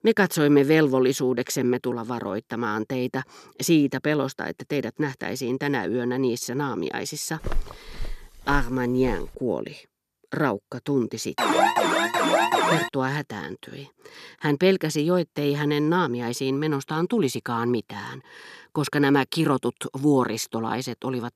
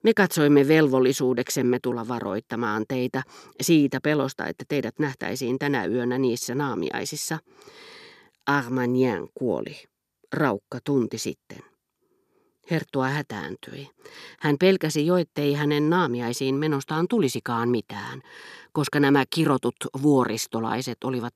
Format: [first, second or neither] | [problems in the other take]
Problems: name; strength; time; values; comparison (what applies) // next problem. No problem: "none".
second | footsteps; noticeable; from 7.5 to 9.5 s; peak 10 dB below the speech // alarm; loud; from 11 to 13 s; peak 5 dB above the speech